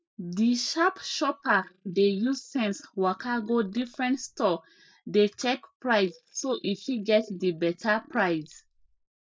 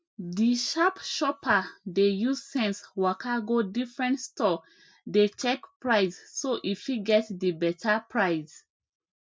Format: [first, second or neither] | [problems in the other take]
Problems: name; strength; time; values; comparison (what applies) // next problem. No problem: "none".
second | noise reduction (neural mask model Resemble Enhance denoiser)